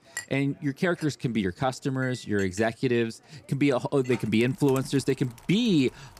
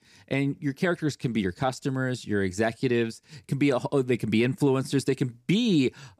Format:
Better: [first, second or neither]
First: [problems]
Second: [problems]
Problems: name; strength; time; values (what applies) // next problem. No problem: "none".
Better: second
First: household noises; noticeable; throughout; 20 dB below the speech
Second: none